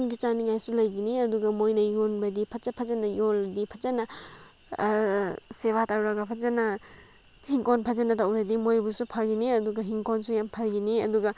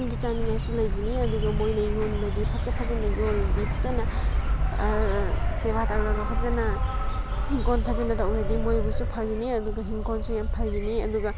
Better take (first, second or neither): first